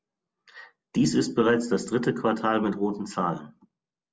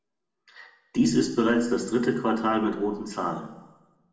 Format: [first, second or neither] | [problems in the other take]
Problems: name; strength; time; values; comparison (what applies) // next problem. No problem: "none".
first | room echo; dies away in 0.8 s